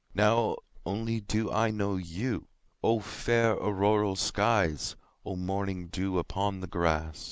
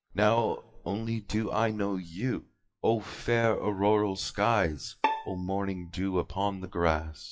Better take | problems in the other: first | noise reduction (classical method WPE with log-MMSE)

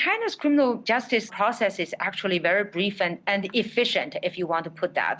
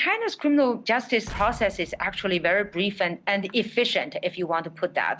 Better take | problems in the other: first | background sound (Explosion); 17 dB below the speech

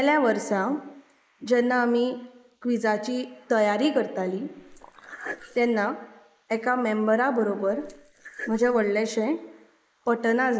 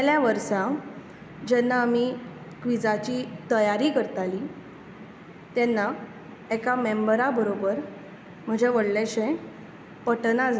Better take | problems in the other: second | noise reduction (neural mask model Resemble Enhance denoiser)

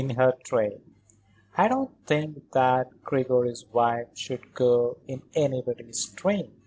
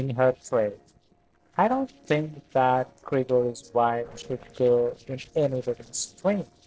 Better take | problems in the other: first | noise reduction (neural separator model SepFormer DNS4)

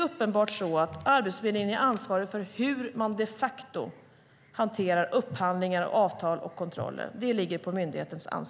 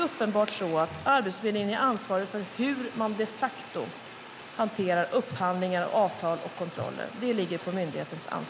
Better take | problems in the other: first | background sound (Fire); 15 dB below the speech

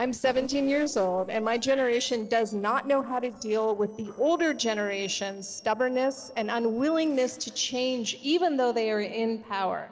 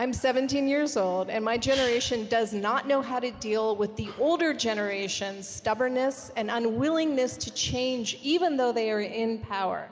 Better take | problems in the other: second | noise reduction (neural separator model SepFormer DNS4)

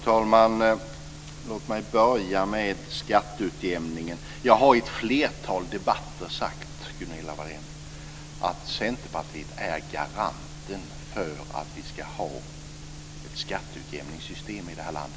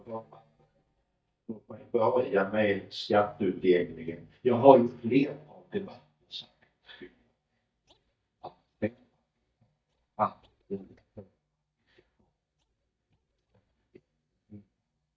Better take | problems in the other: first | noise reduction (neural mask model DeepFilterNet 3)

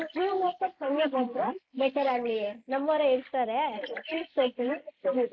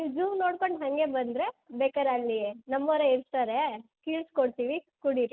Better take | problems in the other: second | noise reduction (neural mask model Resemble Enhance denoiser)

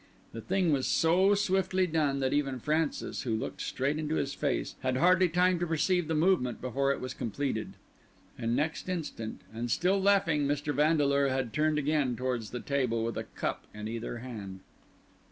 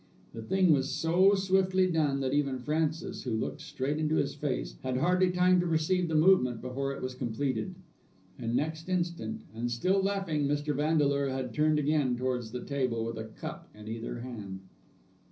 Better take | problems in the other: first | room echo; dies away in 0.5 s

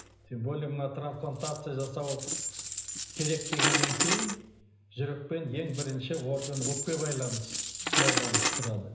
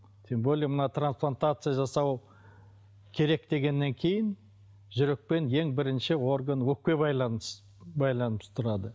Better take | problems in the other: second | background sound (Coin (dropping)); 2 dB above the speech // room echo; dies away in 0.9 s

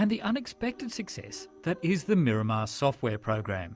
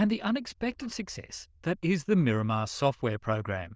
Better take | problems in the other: first | noise reduction (neural diffusion model UNIVERSE++)

